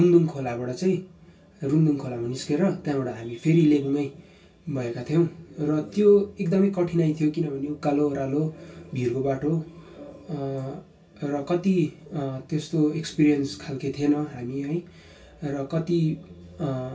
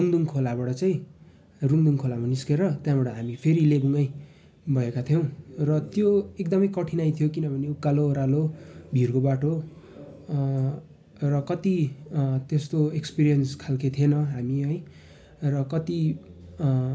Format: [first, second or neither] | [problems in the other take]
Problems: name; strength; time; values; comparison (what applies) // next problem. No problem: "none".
second | room echo; dies away in 0.2 s